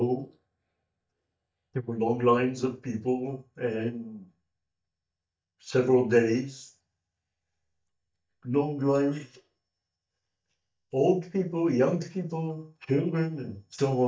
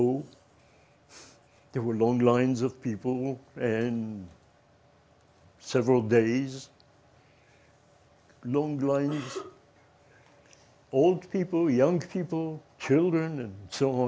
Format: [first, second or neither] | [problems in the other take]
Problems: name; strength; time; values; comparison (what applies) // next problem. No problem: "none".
second | noise reduction (neural mask model DeepFilterNet 3)